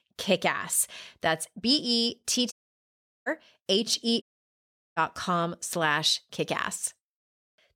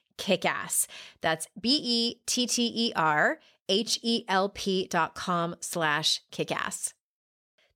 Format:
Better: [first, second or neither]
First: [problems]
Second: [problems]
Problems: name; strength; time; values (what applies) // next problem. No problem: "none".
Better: second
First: audio cutting out; at 2.5 s for 0.5 s and at 4 s for 0.5 s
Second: none